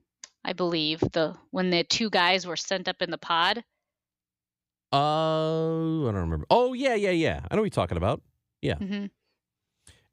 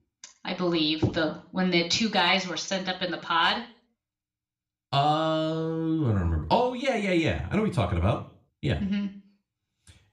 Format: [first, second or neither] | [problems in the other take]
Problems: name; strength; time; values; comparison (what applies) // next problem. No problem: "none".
first | room echo; very slight; dies away in 0.4 s